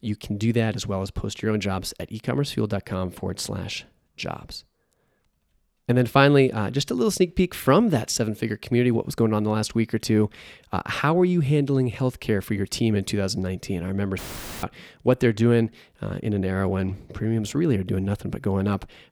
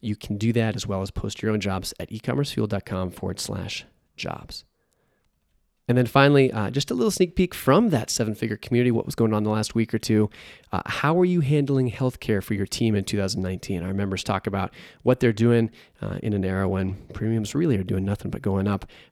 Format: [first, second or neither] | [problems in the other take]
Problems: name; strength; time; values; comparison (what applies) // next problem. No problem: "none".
second | audio cutting out; filled with static; at 14 s